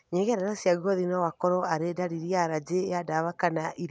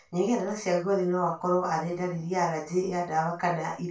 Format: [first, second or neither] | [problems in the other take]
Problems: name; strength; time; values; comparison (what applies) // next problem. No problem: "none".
first | room echo; dies away in 0.2 s